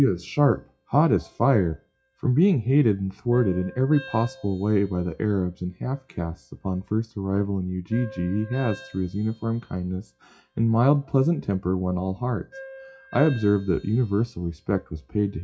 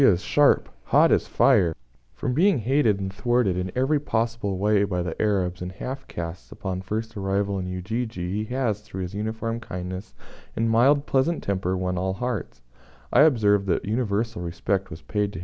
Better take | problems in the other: second | noise reduction (classical method WPE with log-MMSE)

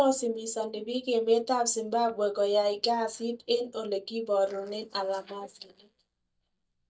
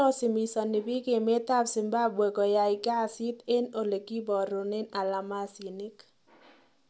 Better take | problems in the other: second | noise reduction (neural mask model DeepFilterNet 3)

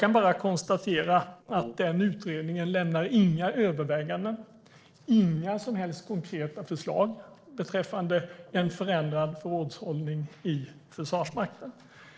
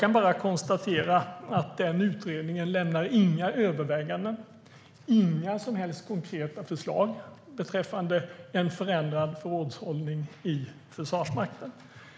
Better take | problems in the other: second | noise reduction (neural separator model SepFormer DNS4)

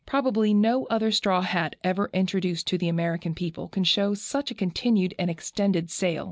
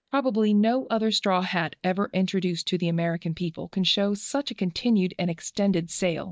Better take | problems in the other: first | noise reduction (neural mask model DeepFilterNet 3)

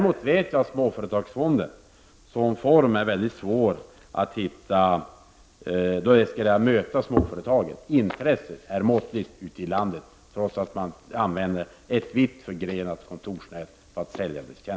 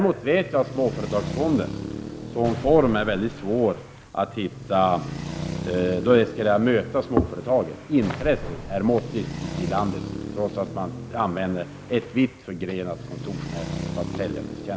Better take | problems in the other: first | background sound (Traffic noise, roadway noise + Explosion); 9 dB below the speech

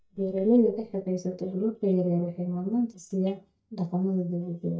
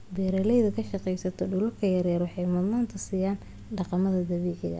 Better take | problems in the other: second | noise reduction (neural mask model DeepFilterNet 3)

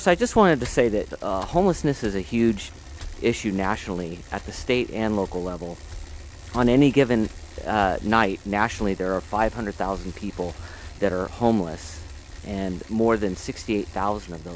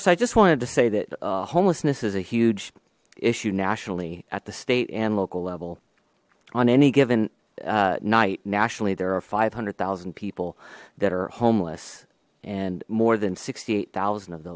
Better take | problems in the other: second | background sound (Bicycle); 14 dB below the speech

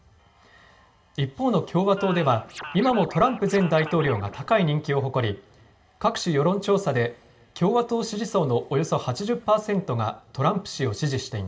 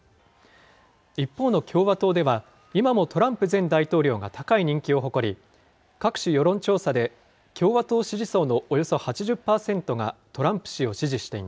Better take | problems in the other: second | background sound (Scratching (performance technique)); 14 dB below the speech // room echo; dies away in 0.5 s

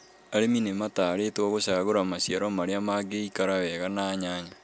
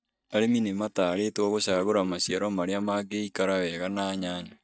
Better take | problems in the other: first | noise reduction (neural mask model DeepFilterNet 3)

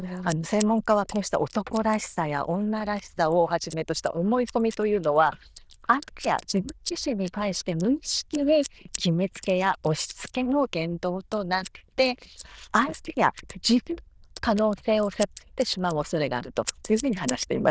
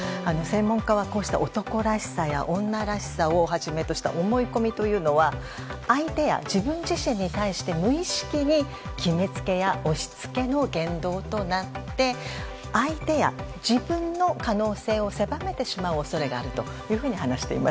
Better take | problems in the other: second | noise reduction (neural diffusion model UNIVERSE++)

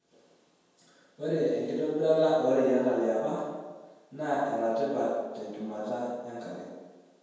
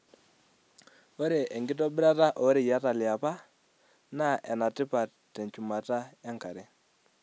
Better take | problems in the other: second | room echo; dies away in 1.2 s

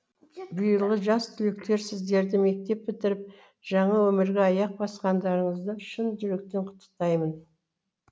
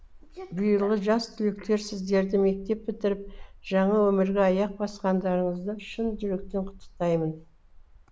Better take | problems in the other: first | background sound (Cricket); 19 dB below the speech

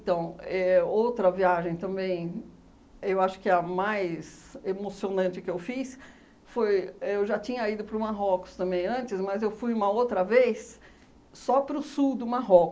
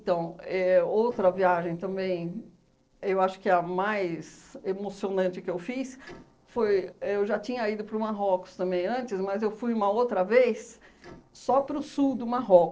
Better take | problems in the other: first | noise reduction (neural separator model SepFormer DNS4)

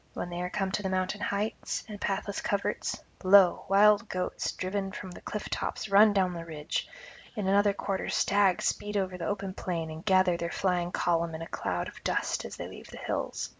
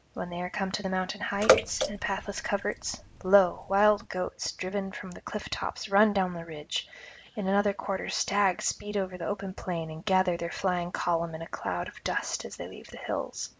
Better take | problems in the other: first | background sound (Bathtub (filling or washing) / Water / Splash, splatter); 1 dB below the speech

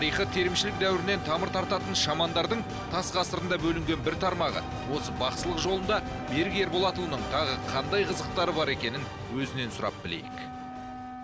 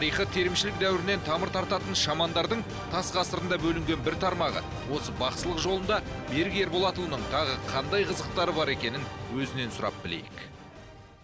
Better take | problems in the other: second | background sound (Wind instrument, woodwind instrument); 12 dB below the speech

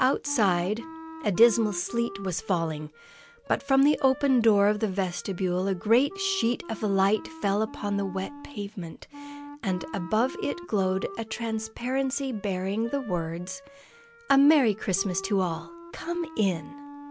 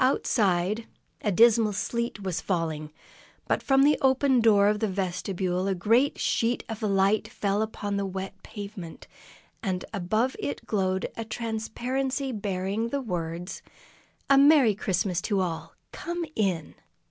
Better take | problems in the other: second | background sound (Wind instrument, woodwind instrument); 16 dB below the speech

